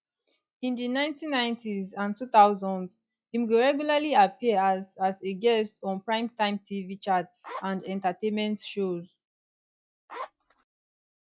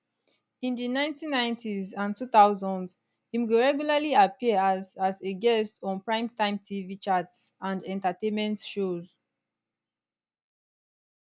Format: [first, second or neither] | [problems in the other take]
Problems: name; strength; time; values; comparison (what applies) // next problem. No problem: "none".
second | noise reduction (classical method log-MMSE)